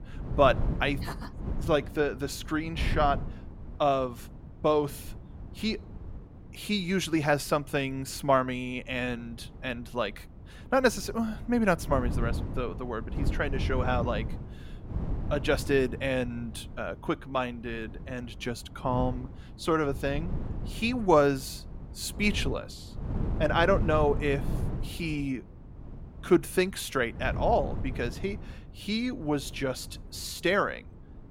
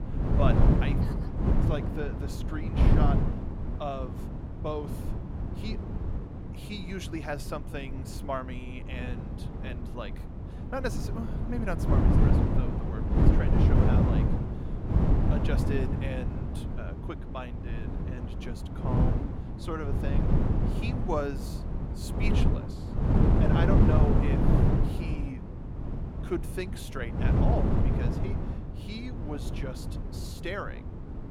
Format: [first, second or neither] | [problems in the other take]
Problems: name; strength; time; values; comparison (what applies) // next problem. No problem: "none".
first | wind noise on the microphone; heavy; 1 dB above the speech; occasional gusts in the first